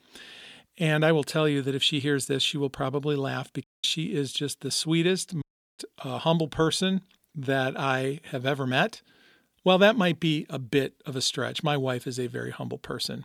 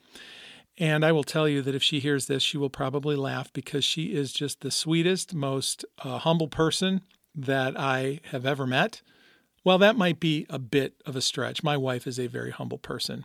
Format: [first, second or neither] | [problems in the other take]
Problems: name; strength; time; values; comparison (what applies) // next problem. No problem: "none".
second | audio cutting out; at 3.5 s and at 5.5 s